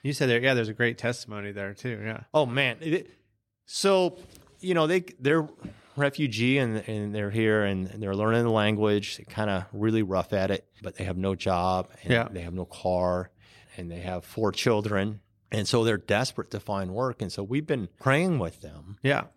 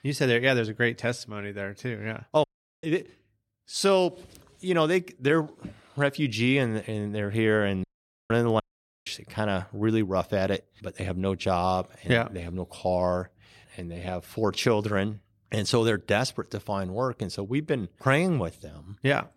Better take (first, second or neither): first